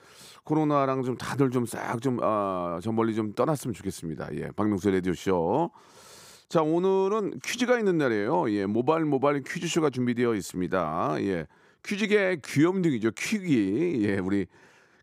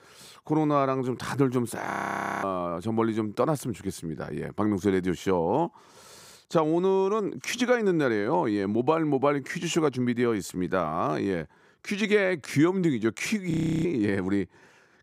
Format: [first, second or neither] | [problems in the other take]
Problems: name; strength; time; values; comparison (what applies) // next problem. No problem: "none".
first | audio freezing; at 2 s for 0.5 s and at 14 s